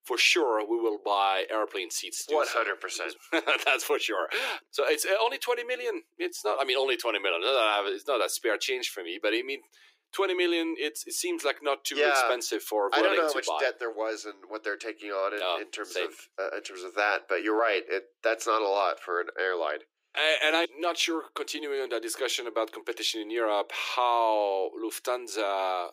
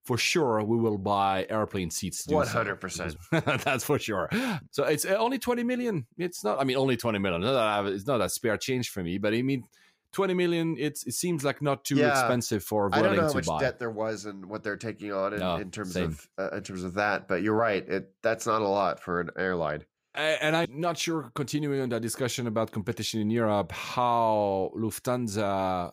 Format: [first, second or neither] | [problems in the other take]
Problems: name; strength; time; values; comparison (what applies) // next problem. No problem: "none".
second | thin; very; fading below 350 Hz